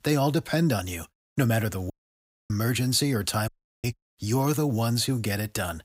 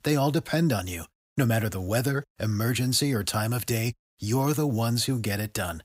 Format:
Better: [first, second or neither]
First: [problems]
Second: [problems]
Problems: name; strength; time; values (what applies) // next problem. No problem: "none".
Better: second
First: audio cutting out; at 2 s for 0.5 s and at 3.5 s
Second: none